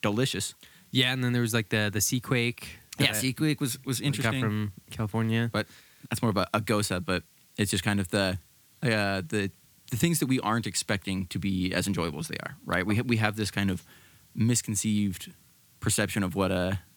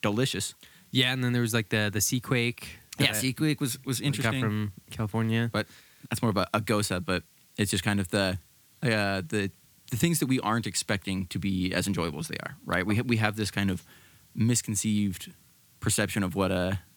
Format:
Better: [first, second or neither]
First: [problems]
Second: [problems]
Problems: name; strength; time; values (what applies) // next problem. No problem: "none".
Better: neither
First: hiss; faint; throughout; 30 dB below the speech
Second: hiss; faint; throughout; 30 dB below the speech